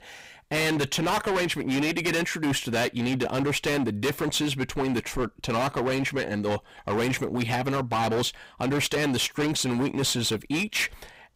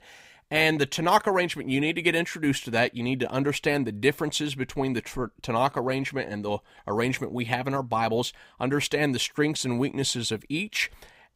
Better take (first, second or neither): second